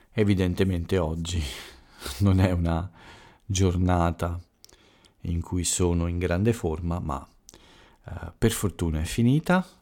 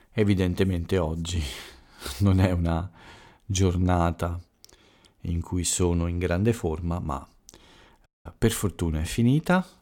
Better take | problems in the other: first | audio cutting out; at 8 s

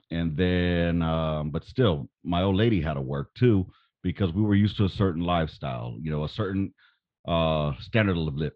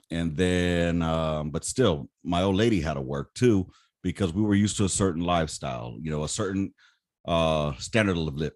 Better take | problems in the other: second | muffled; very; fading above 4 kHz

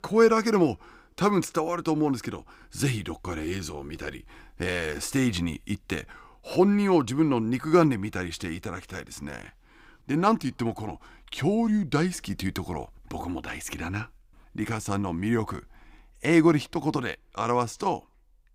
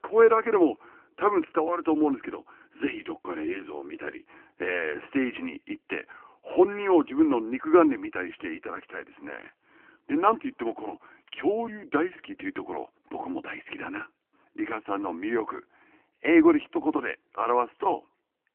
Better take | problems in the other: first | phone-call audio

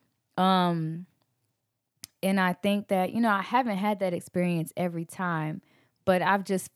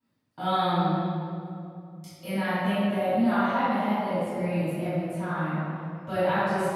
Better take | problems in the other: first | off-mic speech; far // room echo; strong; dies away in 2.4 s

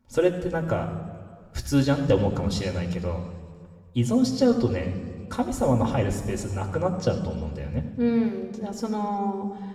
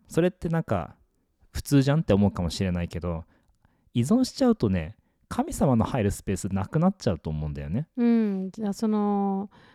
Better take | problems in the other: second | room echo; slight; dies away in 1.6 s // off-mic speech; somewhat distant

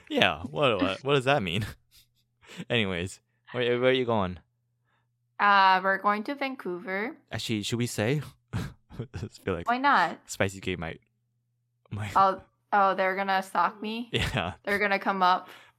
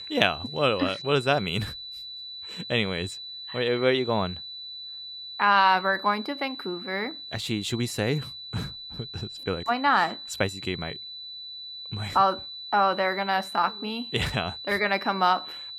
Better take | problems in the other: first | high-pitched whine; noticeable; throughout; 4 kHz, 10 dB below the speech

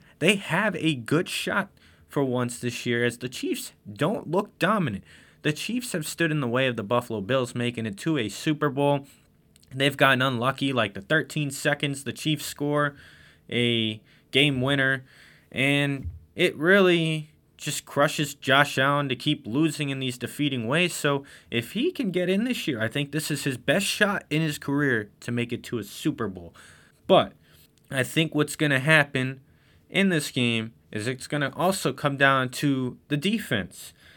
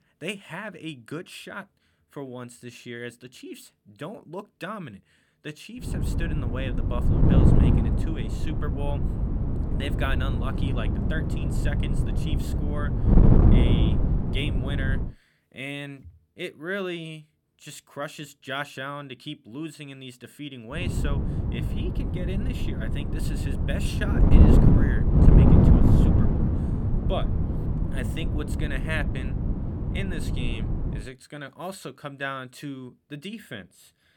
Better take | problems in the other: first | wind noise on the microphone; heavy; from 6 to 15 s and from 21 to 31 s; 3 dB above the speech

